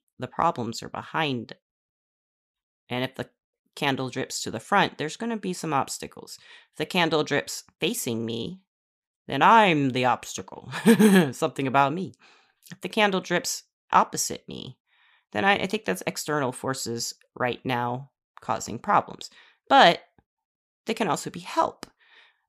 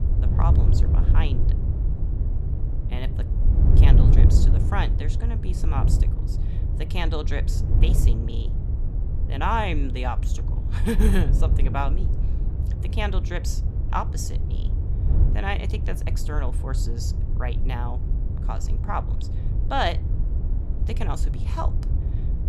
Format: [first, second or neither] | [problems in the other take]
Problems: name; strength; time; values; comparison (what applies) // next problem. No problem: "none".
first | wind noise on the microphone; heavy; 8 dB below the speech